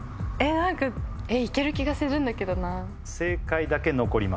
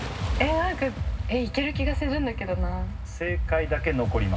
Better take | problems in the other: first | background sound (Waves, surf); 18 dB below the speech // room echo; dies away in 0.4 s

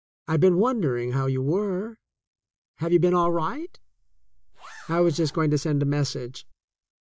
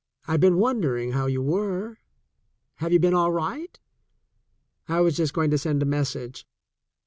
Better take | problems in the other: second | noise reduction (neural mask model DeepFilterNet 3)

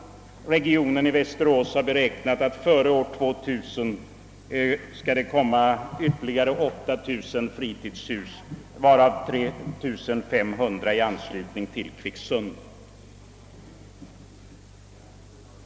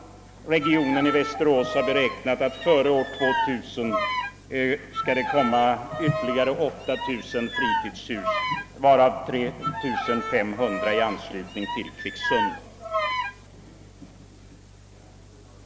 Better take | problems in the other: first | background sound (Bowed string instrument); 4 dB below the speech

